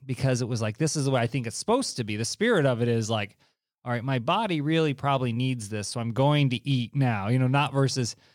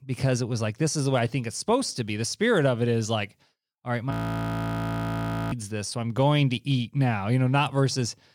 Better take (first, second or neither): first